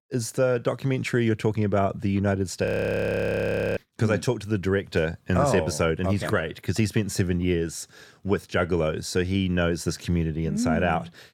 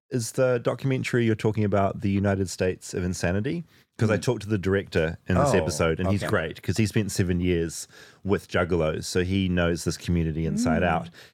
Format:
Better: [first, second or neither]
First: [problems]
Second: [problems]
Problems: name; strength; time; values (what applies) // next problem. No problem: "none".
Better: second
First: audio freezing; at 2.5 s for 1 s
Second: none